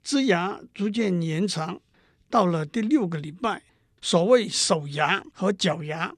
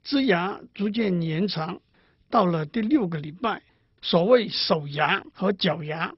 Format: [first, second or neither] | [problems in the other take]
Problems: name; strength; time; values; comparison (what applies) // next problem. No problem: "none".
first | garbled, watery; badly; nothing above 5.5 kHz